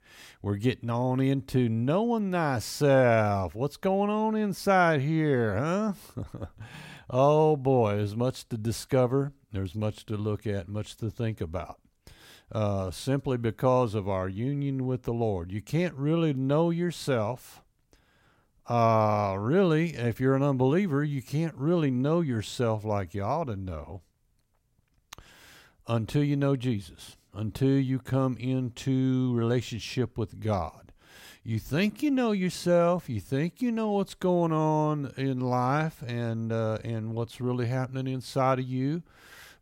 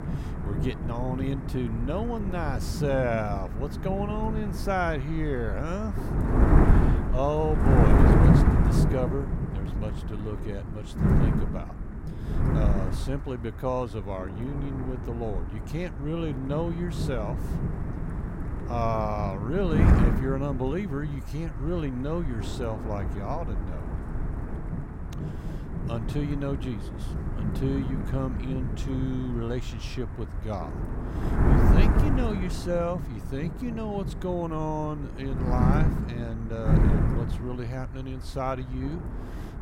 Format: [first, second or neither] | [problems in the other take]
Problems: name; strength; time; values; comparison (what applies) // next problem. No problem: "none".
first | wind noise on the microphone; heavy; 2 dB below the speech